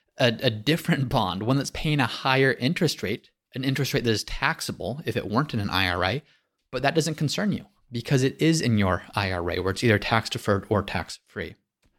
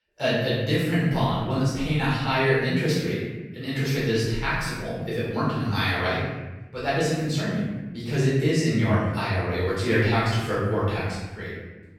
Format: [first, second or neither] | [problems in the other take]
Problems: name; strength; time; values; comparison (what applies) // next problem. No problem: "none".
first | off-mic speech; far // room echo; strong; dies away in 1.2 s